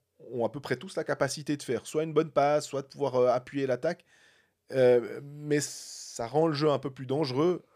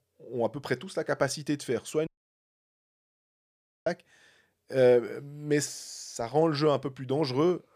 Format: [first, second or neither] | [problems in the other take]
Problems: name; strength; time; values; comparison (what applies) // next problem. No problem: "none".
first | audio cutting out; at 2 s for 2 s